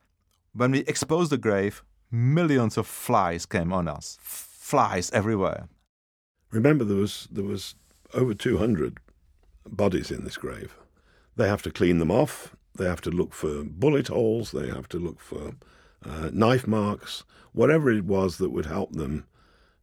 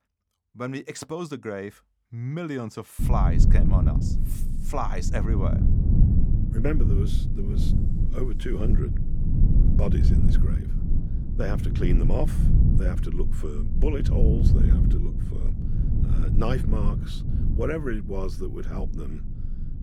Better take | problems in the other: first | low rumble; loud; from 3 s on; 3 dB below the speech

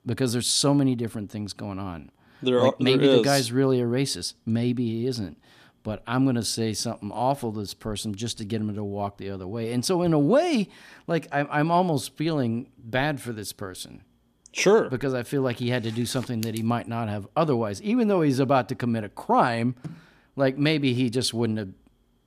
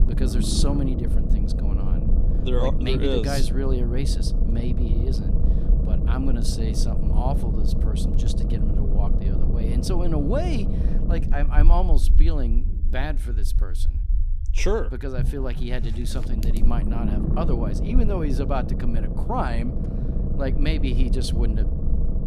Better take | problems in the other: first | low rumble; loud; throughout; 6 dB below the speech

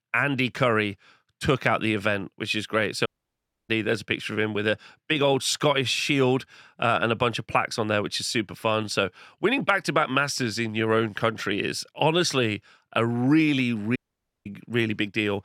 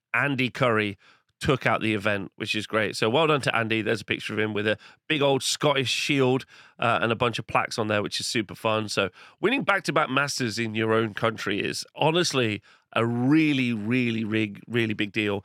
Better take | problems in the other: second | audio cutting out; at 3 s for 0.5 s and at 14 s

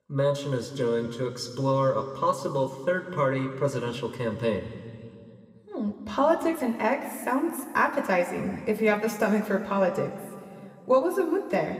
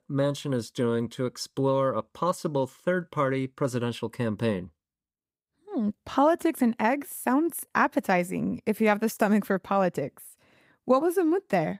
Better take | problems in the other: second | room echo; slight; dies away in 2.2 s

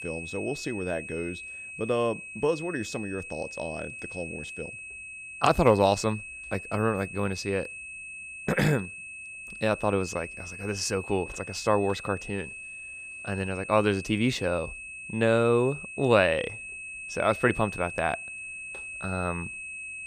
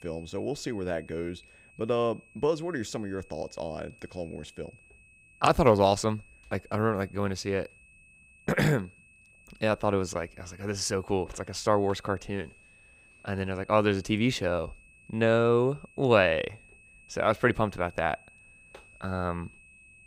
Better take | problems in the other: second | high-pitched whine; loud; throughout; 2.5 kHz, 10 dB below the speech; faint in the second

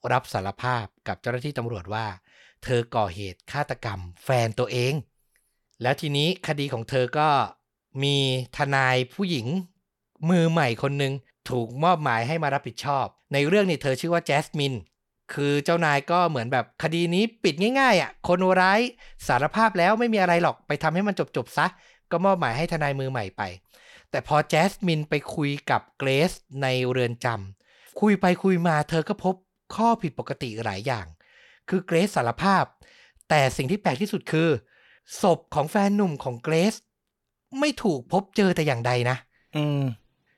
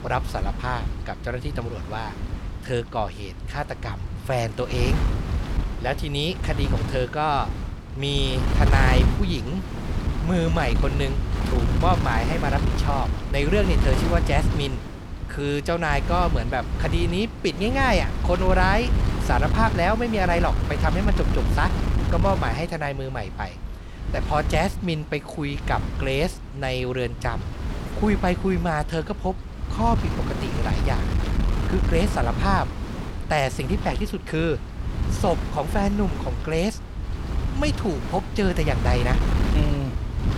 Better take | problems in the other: first | wind noise on the microphone; heavy; 8 dB below the speech

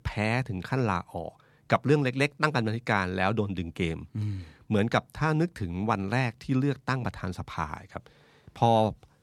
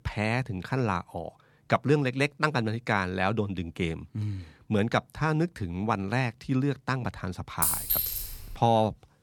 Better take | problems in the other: first | clattering dishes; loud; at 7.5 s; peak 5 dB above the speech

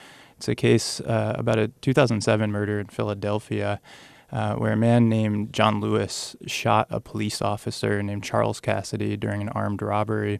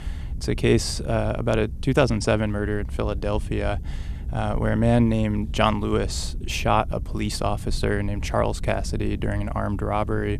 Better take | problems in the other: first | low rumble; faint; throughout; 25 dB below the speech

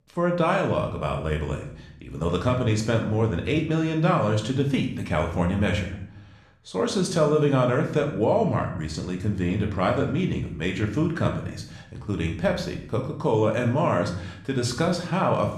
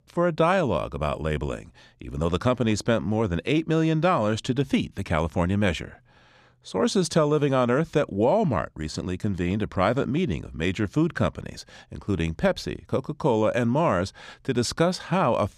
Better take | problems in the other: second | room echo; slight; dies away in 0.6 s // off-mic speech; somewhat distant

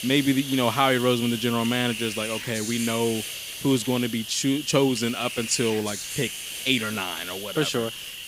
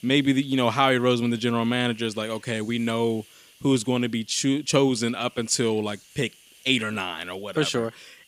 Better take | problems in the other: second | hiss; loud; throughout; 7 dB below the speech; faint in the second

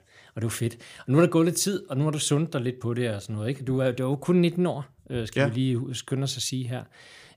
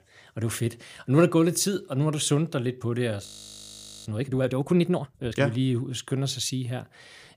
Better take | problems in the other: first | audio freezing; at 3.5 s for 1 s

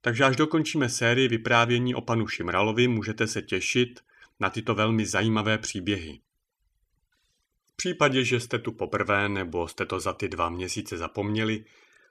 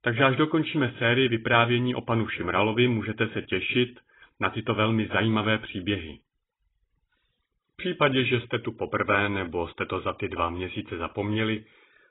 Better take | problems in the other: first | garbled, watery; badly; nothing above 3.5 kHz

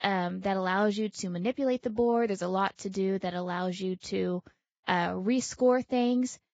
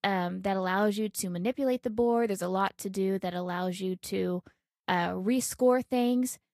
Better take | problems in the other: second | garbled, watery; badly; nothing above 7.5 kHz; slightly in the second

